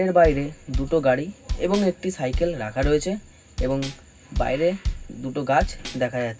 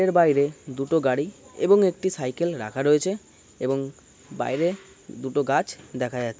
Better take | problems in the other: second | background sound (Bass drum); 7 dB below the speech // room echo; dies away in 0.4 s

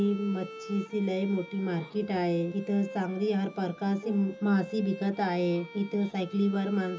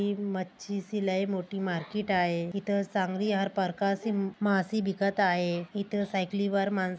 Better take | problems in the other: second | background sound (Bowed string instrument); 17 dB below the speech // room echo; dies away in 0.2 s

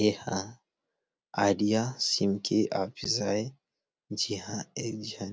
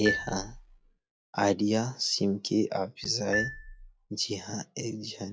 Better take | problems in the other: first | noise reduction (classical method log-MMSE)

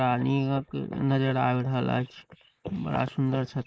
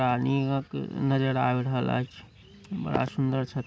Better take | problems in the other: second | noise reduction (neural mask model Resemble Enhance denoiser)

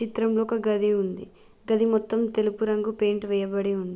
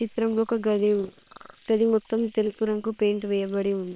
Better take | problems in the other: first | noise reduction (neural separator model SepFormer WHAM!)

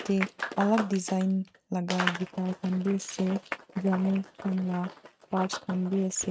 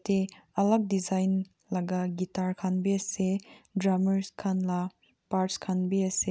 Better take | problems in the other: second | noise reduction (neural mask model RNNoise)

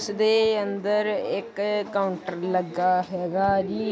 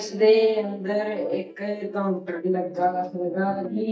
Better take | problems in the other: first | noise reduction (neural mask model DeepFilterNet 3)

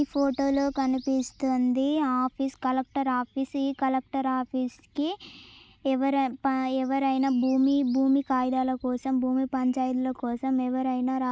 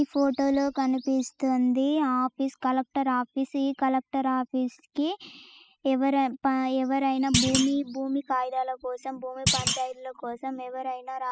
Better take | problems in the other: first | noise reduction (classical method spectral subtraction)

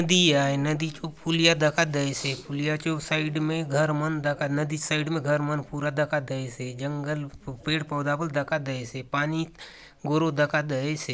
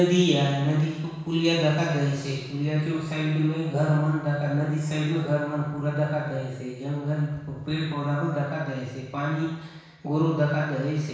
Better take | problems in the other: first | room echo; dies away in 1.1 s

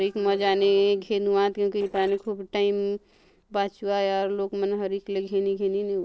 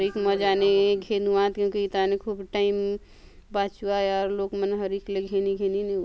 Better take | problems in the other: second | noise reduction (neural separator model SepFormer DNS4)

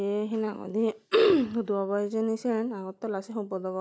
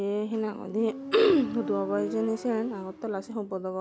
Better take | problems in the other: first | background sound (Motorcycle); 11 dB below the speech

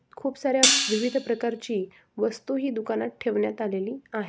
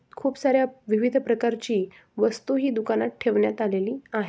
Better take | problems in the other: second | background sound (Hi-hat); 1 dB above the speech

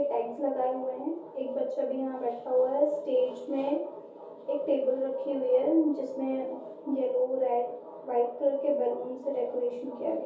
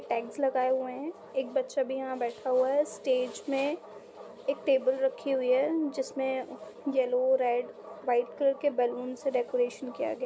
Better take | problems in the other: second | room echo; dies away in 0.6 s

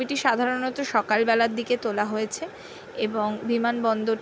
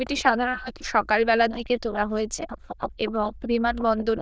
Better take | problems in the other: first | noise reduction (neural diffusion model UNIVERSE++)

